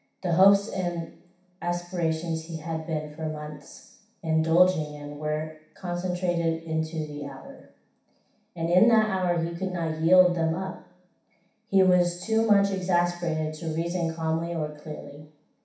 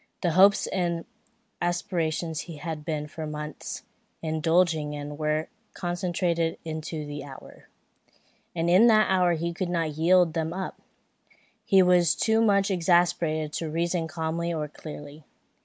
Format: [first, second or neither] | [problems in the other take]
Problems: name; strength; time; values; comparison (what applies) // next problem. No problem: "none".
second | room echo; dies away in 0.7 s